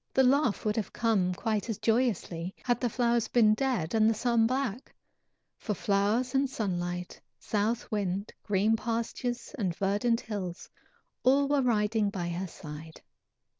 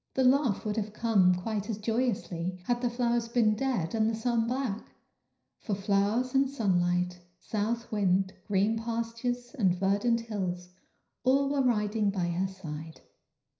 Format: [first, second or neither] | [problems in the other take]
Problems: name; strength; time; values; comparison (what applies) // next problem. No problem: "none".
first | room echo; dies away in 0.5 s